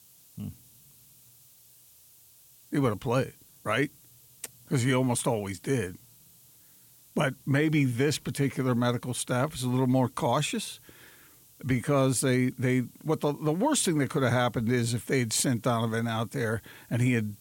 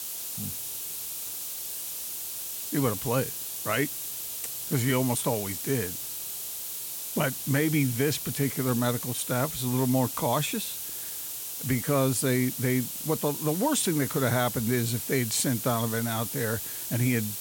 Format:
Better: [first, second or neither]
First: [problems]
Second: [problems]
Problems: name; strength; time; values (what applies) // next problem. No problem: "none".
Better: first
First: hiss; faint; throughout; 25 dB below the speech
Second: hiss; loud; throughout; 4 dB below the speech